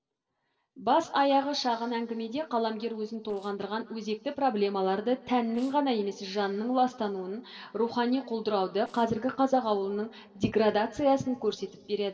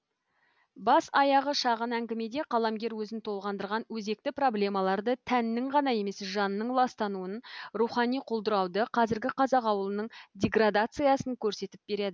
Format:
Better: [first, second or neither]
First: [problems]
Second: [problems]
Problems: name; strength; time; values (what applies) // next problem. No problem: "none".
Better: second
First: noise reduction (neural separator model SepFormer DNS4)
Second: none